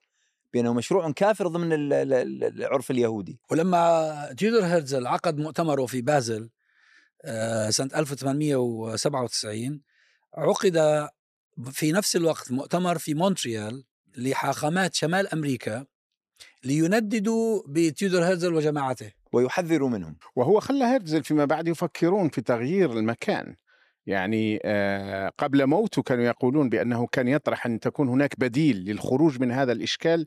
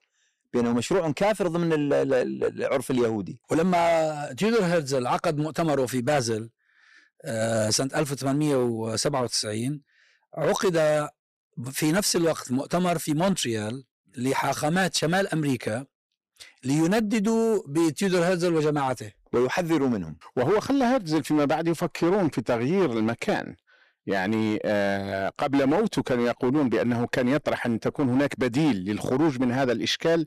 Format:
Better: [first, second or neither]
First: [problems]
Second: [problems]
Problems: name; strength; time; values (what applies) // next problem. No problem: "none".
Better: first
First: none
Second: distortion; slight; 10% of the sound clipped